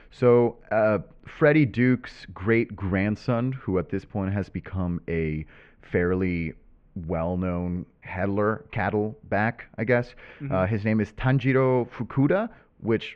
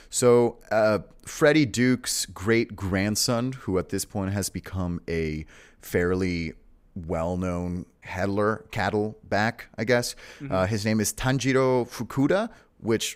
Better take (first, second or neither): second